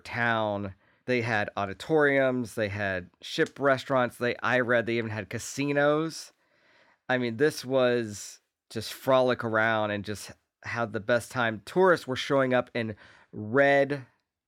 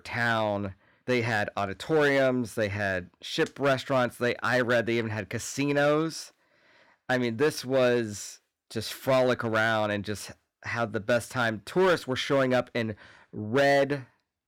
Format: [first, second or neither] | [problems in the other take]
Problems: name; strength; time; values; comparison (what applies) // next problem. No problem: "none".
first | distortion; slight; 5% of the sound clipped